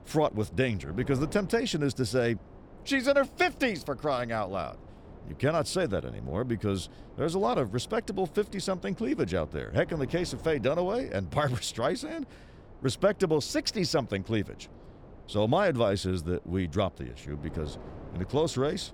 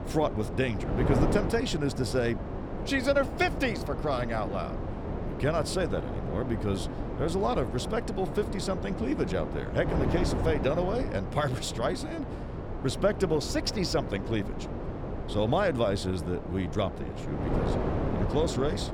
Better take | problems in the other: first | wind noise on the microphone; heavy; 7 dB below the speech; occasional gusts in the first

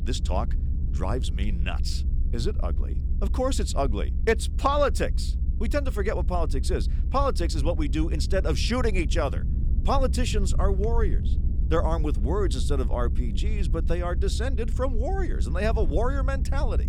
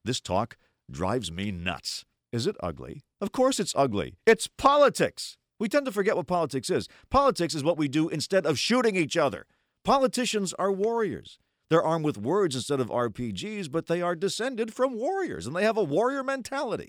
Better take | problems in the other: second | low rumble; noticeable; throughout; 15 dB below the speech

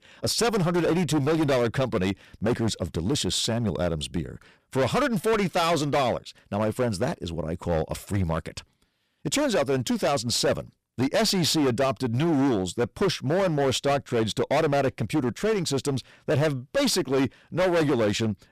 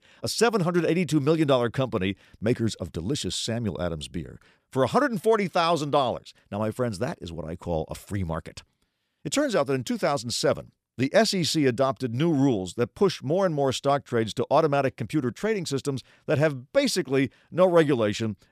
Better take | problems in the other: second | distortion; heavy; 17% of the sound clipped

